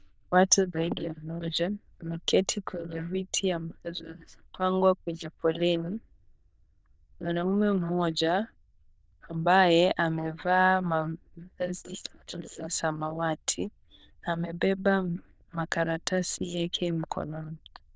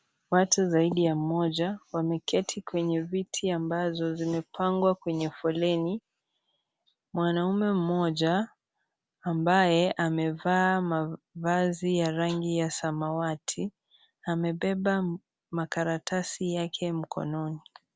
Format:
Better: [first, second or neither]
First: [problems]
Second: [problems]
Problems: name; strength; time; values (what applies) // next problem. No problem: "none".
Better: second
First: noise reduction (neural diffusion model UNIVERSE++)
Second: none